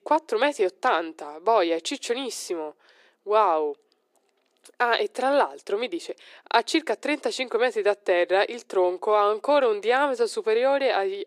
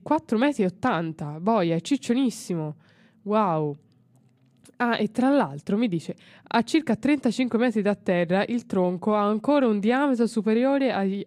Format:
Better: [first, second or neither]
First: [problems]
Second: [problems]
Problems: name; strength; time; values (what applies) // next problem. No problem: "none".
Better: second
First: thin; very; fading below 350 Hz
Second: none